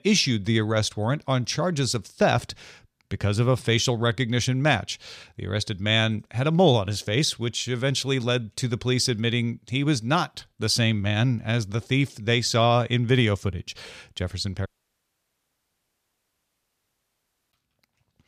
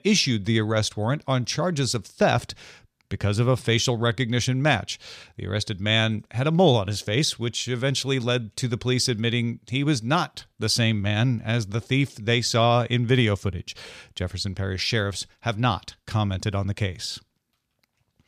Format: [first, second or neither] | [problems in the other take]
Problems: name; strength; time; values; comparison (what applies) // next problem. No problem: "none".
second | audio cutting out; at 15 s for 3 s